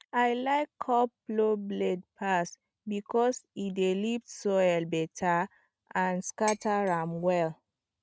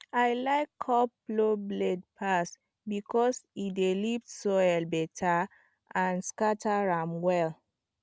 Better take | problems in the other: second | noise reduction (neural mask model RNNoise)

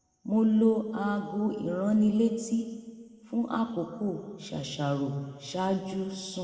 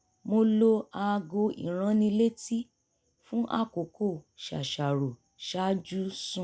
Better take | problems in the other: second | room echo; dies away in 1.7 s

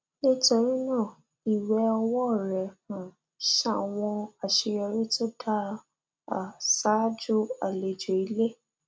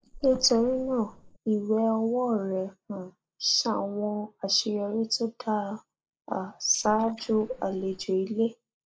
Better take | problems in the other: first | noise reduction (neural mask model Resemble Enhance denoiser)

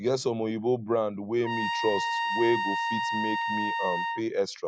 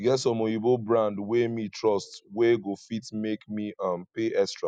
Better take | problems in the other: second | background sound (Trumpet); 1 dB below the speech

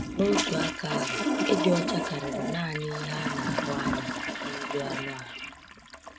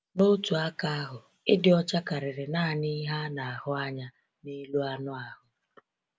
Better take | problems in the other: second | background sound (Toilet flush); 1 dB above the speech

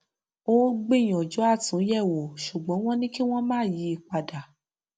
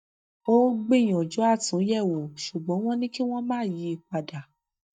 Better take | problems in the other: first | noise reduction (neural mask model DeepFilterNet 3)

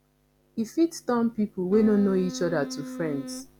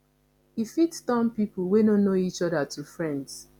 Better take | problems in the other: second | background sound (Wind instrument, woodwind instrument); 10 dB below the speech

